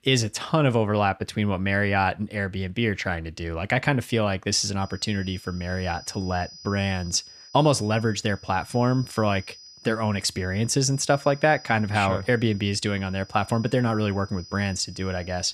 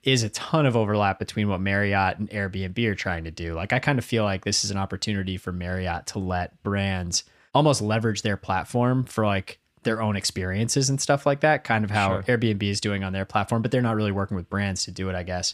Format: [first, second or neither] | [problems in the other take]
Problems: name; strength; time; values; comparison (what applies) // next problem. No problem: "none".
second | high-pitched whine; noticeable; from 5 s on; 5 kHz, 20 dB below the speech